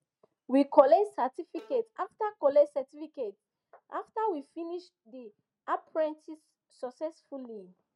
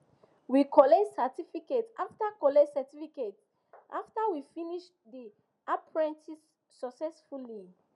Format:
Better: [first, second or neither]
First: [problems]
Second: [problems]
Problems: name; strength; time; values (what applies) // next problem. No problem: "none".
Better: second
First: noise reduction (neural mask model RNNoise)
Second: none